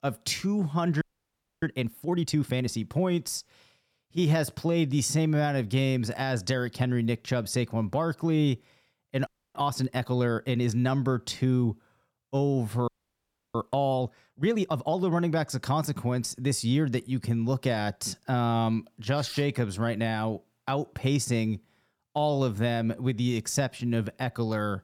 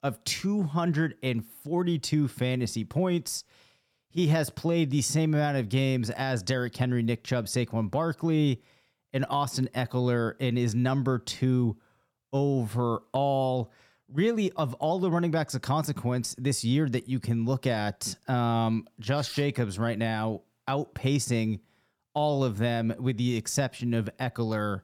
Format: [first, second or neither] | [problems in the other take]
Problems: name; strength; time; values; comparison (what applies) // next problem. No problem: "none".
second | audio freezing; at 1 s for 0.5 s, at 9.5 s and at 13 s for 0.5 s